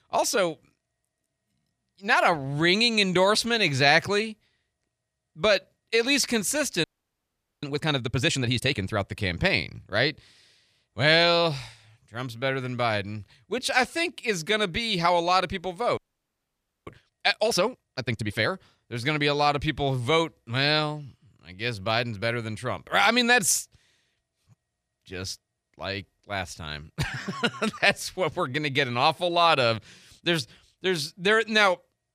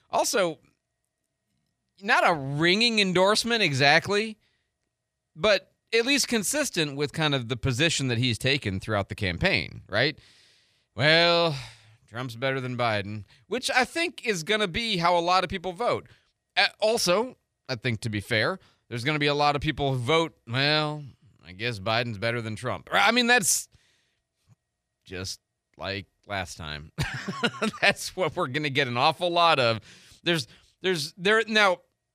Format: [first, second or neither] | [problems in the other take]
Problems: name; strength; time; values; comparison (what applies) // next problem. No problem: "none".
second | audio freezing; at 7 s for 1 s and at 16 s for 1 s